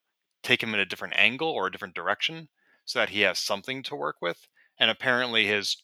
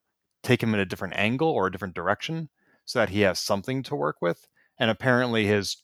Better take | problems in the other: second | thin; somewhat; fading below 450 Hz

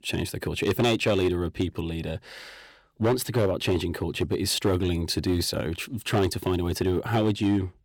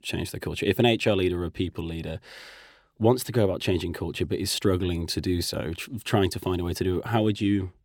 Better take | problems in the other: second | distortion; slight; 5% of the sound clipped

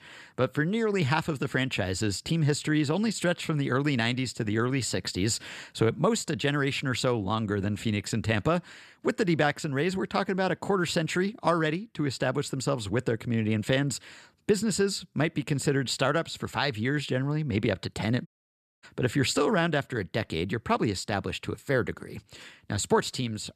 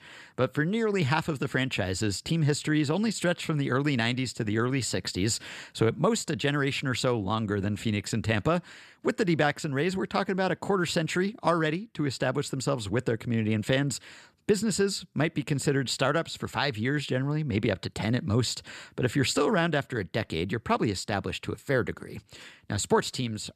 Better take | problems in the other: second | audio cutting out; at 18 s for 0.5 s

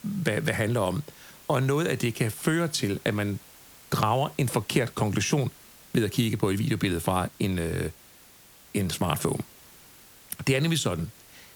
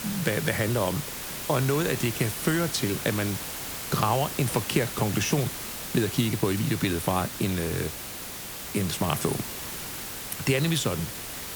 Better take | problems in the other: first | hiss; loud; throughout; 6 dB below the speech; faint in the first

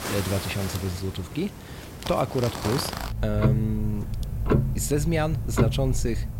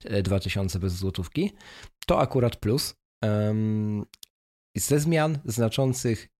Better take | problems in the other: second | household noises; loud; throughout; 1 dB below the speech

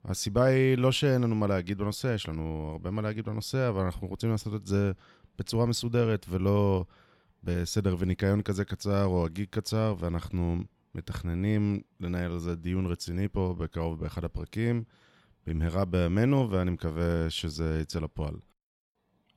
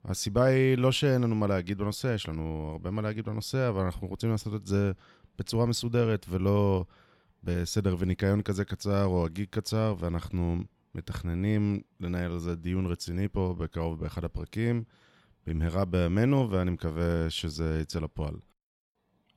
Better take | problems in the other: neither | none

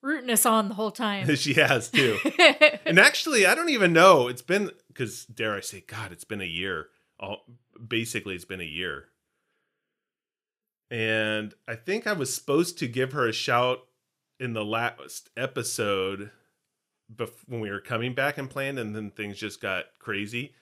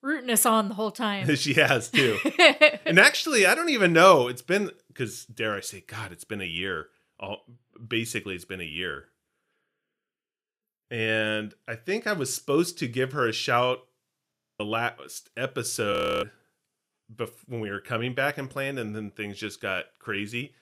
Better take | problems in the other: first | audio freezing; at 14 s and at 16 s

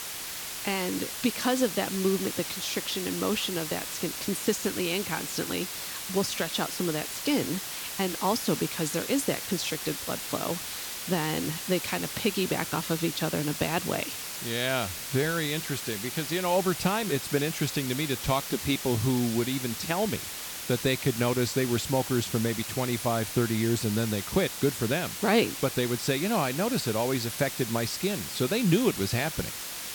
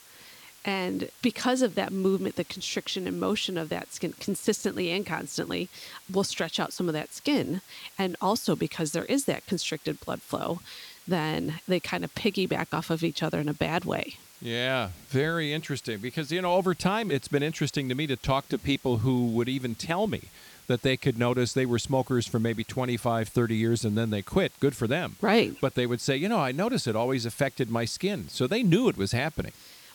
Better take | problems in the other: second | hiss; loud; throughout; 5 dB below the speech; faint in the second

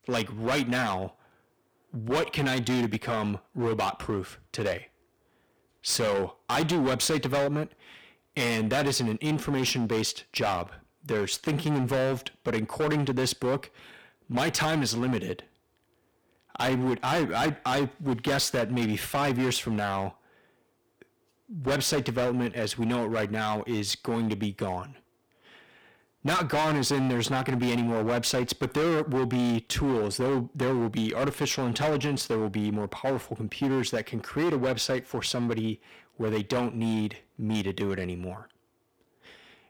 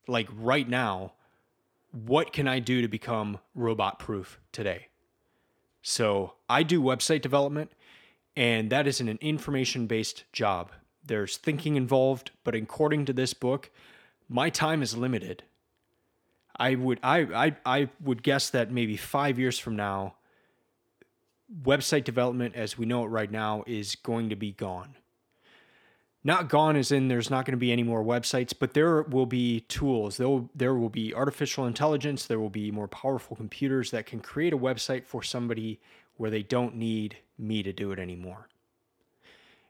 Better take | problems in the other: second | distortion; heavy; 15% of the sound clipped

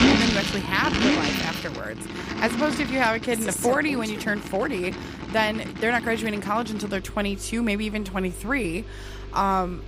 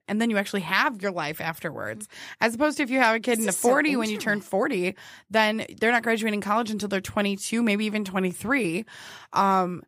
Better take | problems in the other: second | traffic noise; loud; throughout; 4 dB below the speech

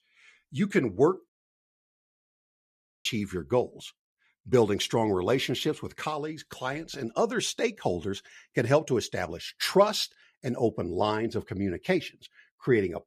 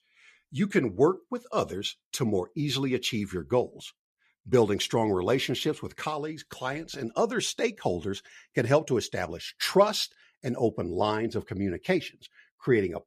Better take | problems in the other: second | audio cutting out; at 1.5 s for 2 s

